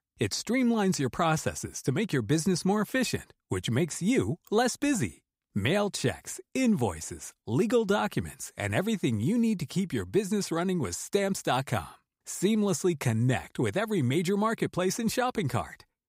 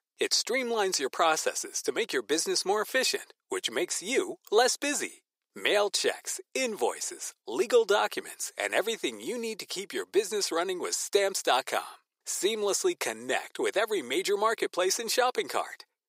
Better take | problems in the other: first | thin; very; fading below 400 Hz

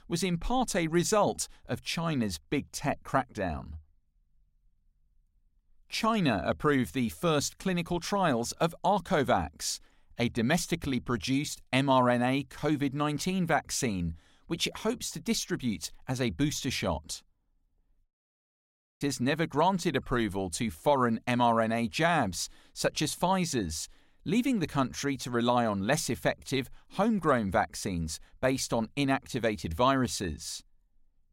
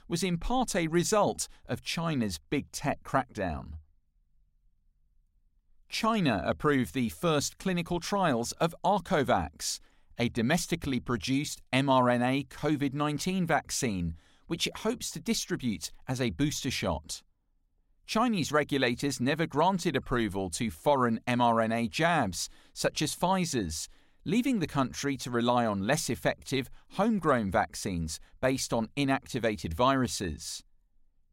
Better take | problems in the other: second | audio cutting out; at 18 s for 1 s

